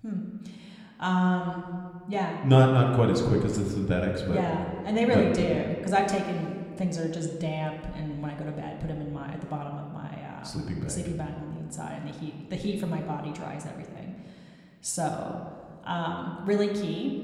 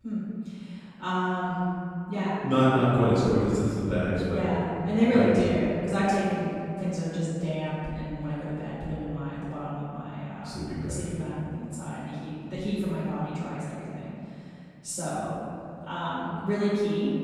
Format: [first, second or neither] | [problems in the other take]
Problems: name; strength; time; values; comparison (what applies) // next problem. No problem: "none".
first | room echo; strong; dies away in 2.3 s; slight in the first // off-mic speech; far